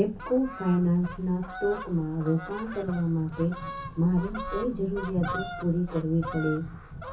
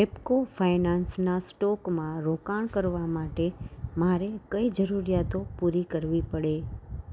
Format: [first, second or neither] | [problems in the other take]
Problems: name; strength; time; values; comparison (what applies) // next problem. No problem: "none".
second | background sound (Fowl); 11 dB below the speech // room echo; dies away in 0.3 s